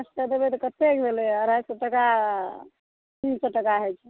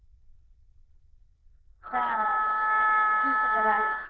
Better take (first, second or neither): first